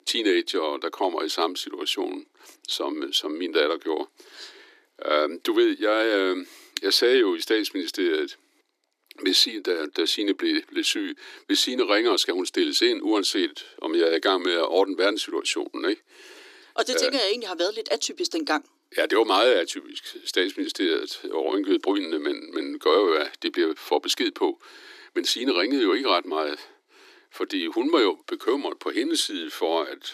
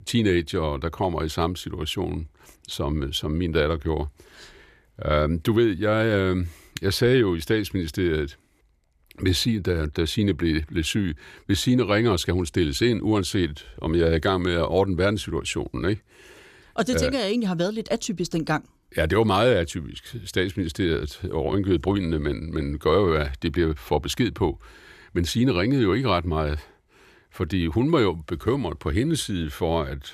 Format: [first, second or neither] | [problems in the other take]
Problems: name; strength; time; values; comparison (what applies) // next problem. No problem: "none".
second | thin; somewhat; fading below 300 Hz